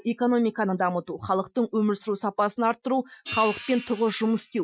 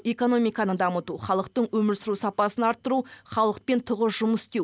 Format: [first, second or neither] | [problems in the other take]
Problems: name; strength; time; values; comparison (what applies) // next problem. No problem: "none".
second | noise reduction (classical method Wiener filter)